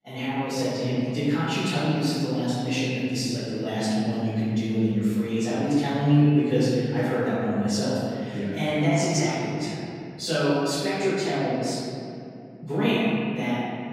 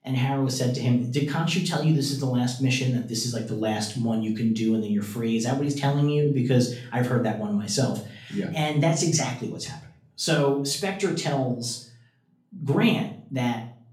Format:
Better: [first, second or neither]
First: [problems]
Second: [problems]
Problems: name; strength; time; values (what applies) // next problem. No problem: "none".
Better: second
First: room echo; strong; dies away in 2.5 s // off-mic speech; far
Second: room echo; slight; dies away in 0.5 s // off-mic speech; far